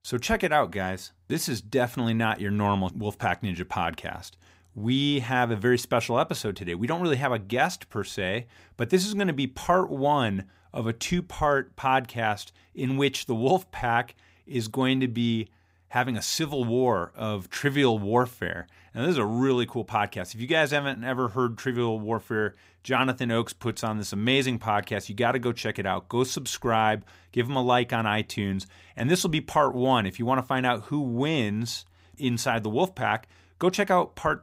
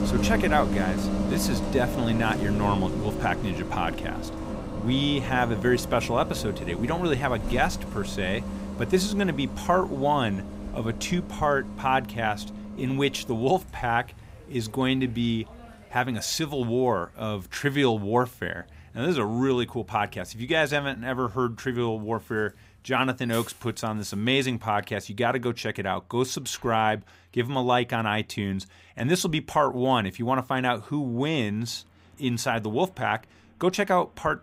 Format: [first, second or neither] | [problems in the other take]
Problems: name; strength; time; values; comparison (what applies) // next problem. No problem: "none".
first | traffic noise; loud; throughout; 6 dB below the speech